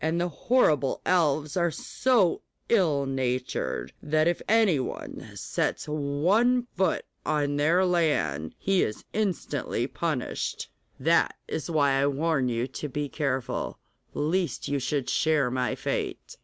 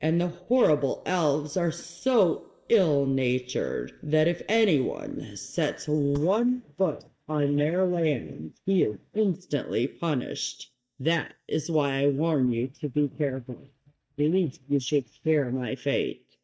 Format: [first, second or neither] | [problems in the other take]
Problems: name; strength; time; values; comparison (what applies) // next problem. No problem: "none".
first | noise reduction (neural mask model DeepFilterNet 3)